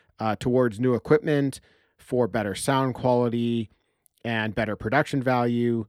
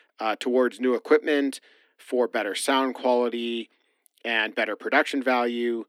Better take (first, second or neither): first